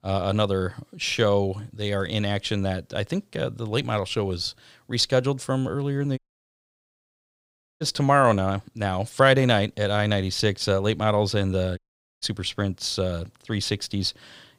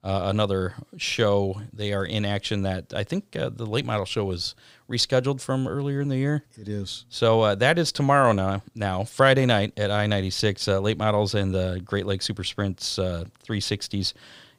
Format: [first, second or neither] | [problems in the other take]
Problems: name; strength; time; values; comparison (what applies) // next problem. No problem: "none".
second | audio cutting out; at 6 s for 1.5 s and at 12 s